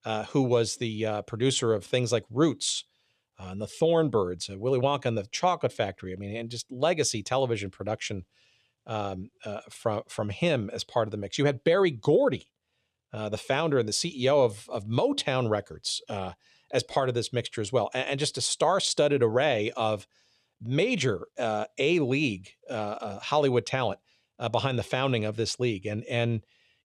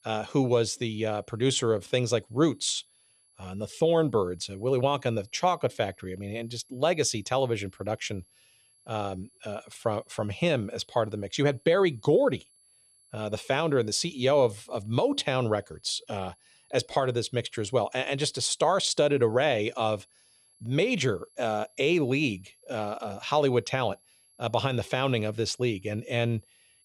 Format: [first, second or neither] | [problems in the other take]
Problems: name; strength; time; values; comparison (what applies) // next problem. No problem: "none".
first | high-pitched whine; faint; throughout; 11 kHz, 35 dB below the speech